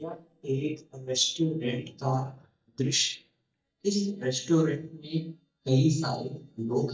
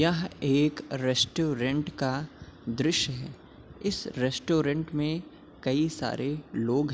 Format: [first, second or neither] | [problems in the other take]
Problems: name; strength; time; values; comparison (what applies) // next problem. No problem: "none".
second | noise reduction (neural mask model DeepFilterNet 3)